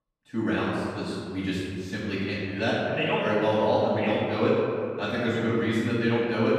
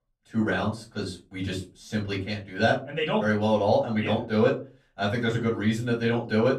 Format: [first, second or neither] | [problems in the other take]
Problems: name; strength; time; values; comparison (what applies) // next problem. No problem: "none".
second | room echo; strong; dies away in 2 s; slight in the second // off-mic speech; far; far in the second